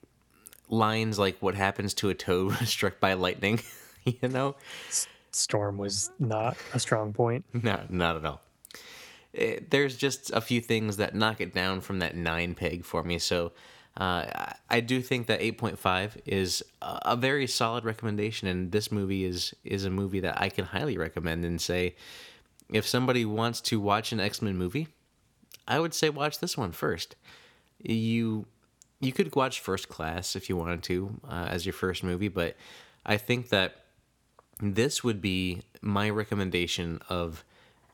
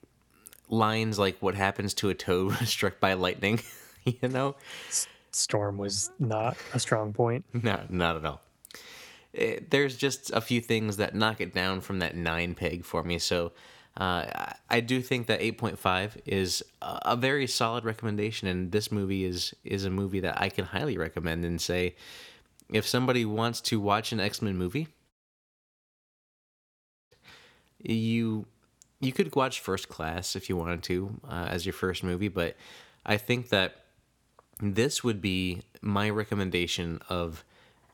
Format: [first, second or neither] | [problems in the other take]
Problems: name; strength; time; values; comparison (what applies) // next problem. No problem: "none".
first | audio cutting out; at 25 s for 2 s